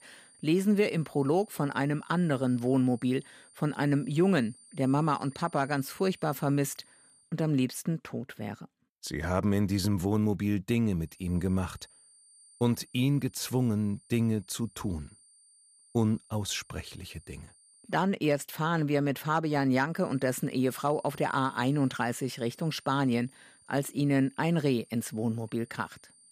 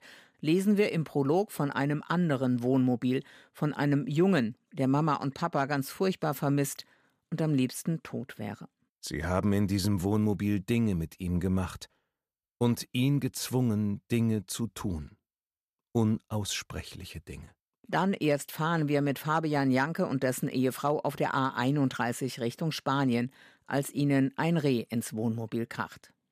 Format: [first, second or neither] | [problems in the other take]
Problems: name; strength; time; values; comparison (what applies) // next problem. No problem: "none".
second | high-pitched whine; faint; until 7.5 s, from 11 to 18 s and from 20 s on; 9 kHz, 25 dB below the speech